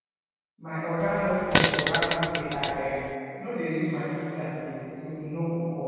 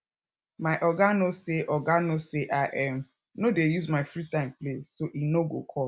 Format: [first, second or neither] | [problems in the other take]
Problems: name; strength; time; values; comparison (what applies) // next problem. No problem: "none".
second | background sound (Fart); 1 dB above the speech // room echo; dies away in 2.2 s